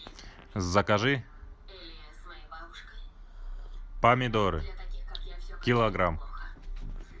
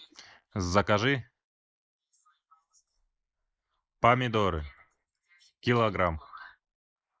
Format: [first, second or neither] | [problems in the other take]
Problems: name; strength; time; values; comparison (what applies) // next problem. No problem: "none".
first | noise reduction (neural mask model Resemble Enhance denoiser)